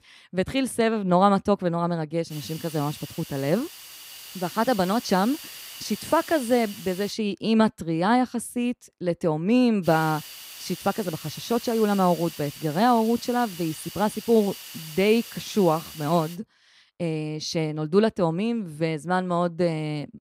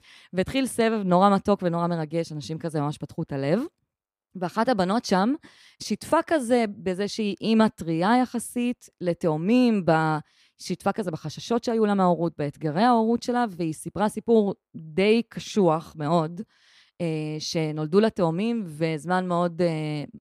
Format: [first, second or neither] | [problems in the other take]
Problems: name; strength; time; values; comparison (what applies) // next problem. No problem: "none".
second | hiss; noticeable; from 2.5 to 7 s and from 10 to 16 s; 15 dB below the speech